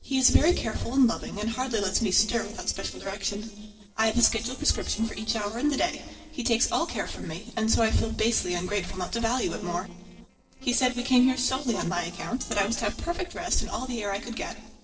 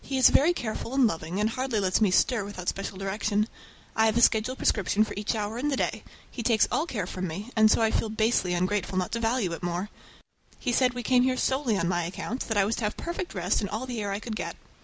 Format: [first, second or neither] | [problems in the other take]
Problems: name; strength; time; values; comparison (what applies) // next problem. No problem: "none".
second | noise reduction (neural separator model SepFormer DNS4)